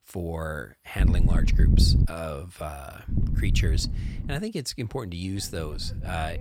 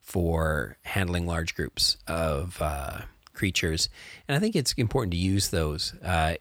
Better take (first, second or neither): second